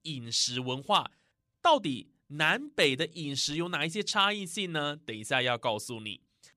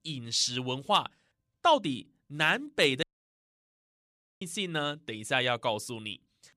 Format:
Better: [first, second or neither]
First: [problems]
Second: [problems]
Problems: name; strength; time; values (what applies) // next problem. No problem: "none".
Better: first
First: none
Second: audio cutting out; at 3 s for 1.5 s